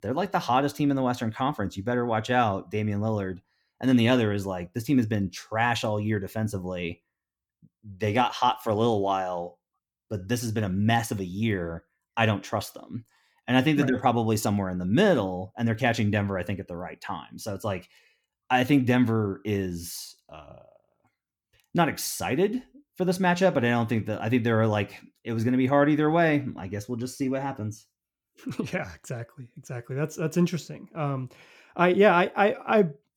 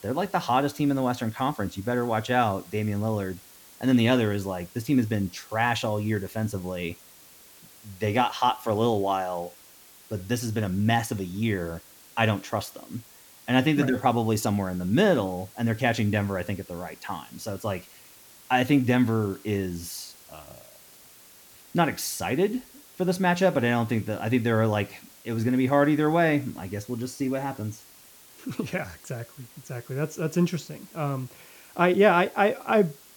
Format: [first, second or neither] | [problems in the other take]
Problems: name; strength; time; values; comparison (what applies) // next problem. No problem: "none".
first | hiss; faint; throughout; 25 dB below the speech